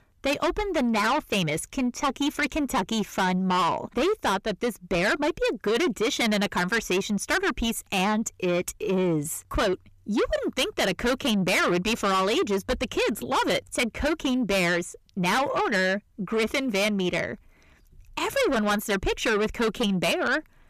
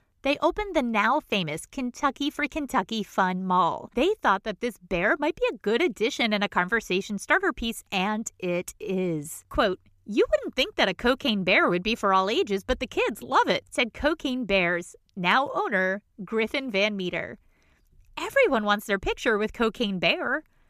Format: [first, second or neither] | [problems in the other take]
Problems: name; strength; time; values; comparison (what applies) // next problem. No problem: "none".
second | distortion; heavy; 6 dB below the speech